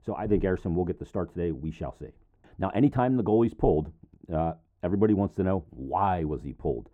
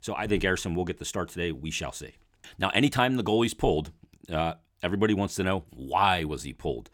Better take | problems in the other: second | muffled; very; fading above 2 kHz

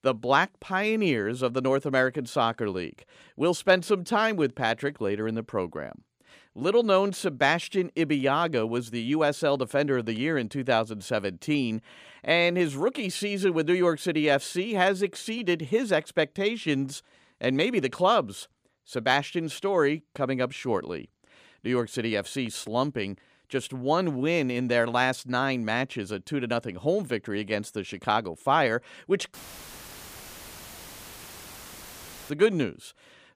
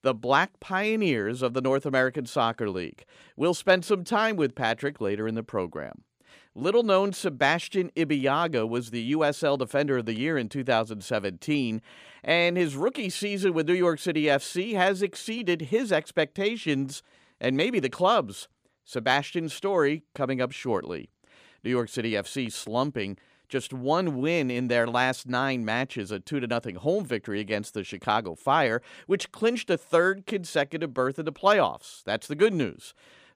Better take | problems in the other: second | audio cutting out; filled with static; at 29 s for 3 s

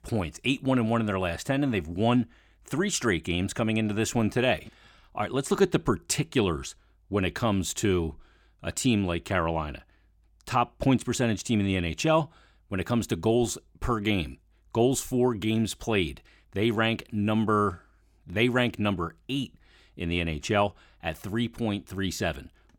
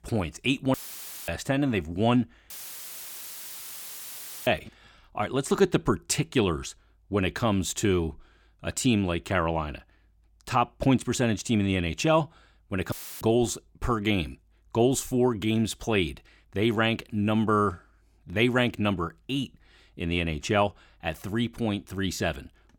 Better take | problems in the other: first | audio cutting out; filled with static; at 0.5 s for 0.5 s, at 2.5 s for 2 s and at 13 s

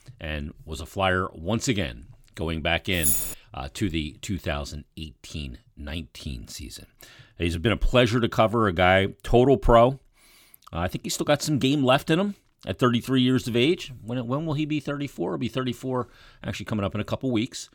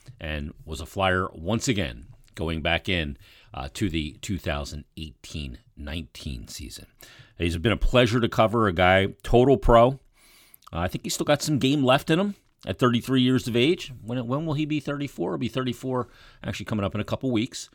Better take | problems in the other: second | jangling keys; loud; at 3 s; peak 3 dB above the speech

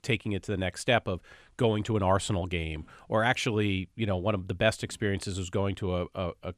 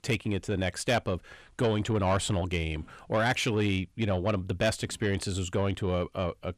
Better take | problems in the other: first | distortion; slight; 10 dB below the speech

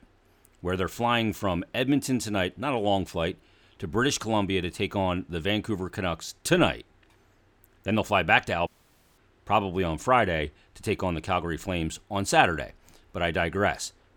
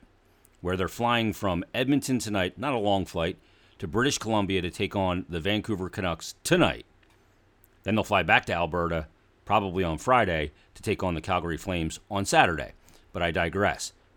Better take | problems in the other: second | audio cutting out; at 8.5 s for 0.5 s

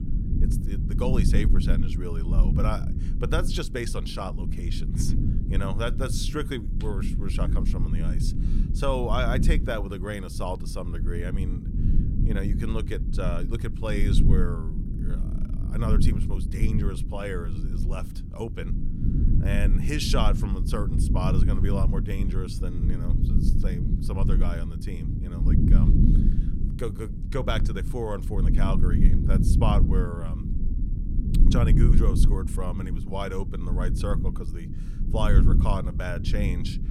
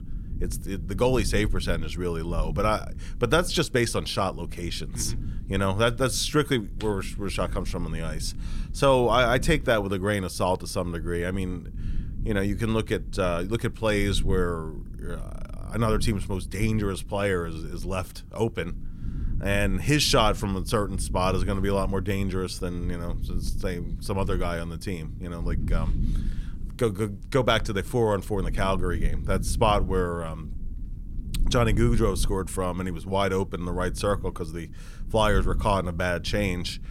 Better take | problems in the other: second | low rumble; loud; throughout; 5 dB below the speech; faint in the second

